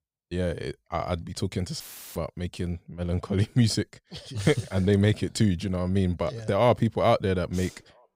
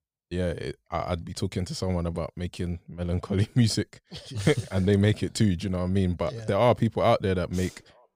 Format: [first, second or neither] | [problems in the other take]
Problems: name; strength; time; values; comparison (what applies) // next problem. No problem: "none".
second | audio cutting out; filled with static; at 2 s